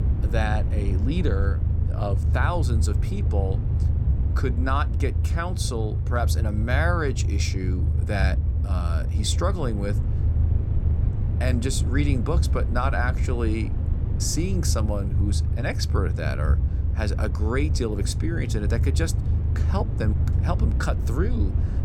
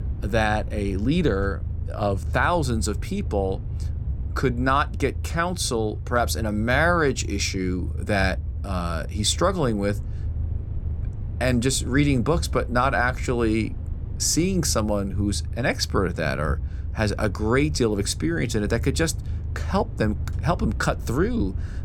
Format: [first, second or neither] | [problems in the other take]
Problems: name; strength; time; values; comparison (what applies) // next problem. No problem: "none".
second | low rumble; loud; throughout; 9 dB below the speech; faint in the second